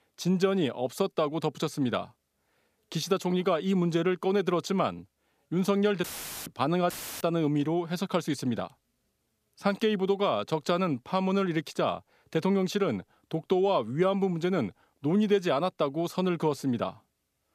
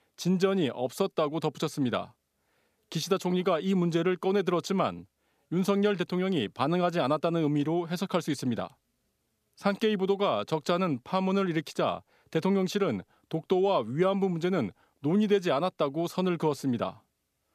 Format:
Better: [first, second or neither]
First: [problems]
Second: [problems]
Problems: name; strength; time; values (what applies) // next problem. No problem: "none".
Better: second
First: audio cutting out; filled with static; at 6 s and at 7 s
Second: none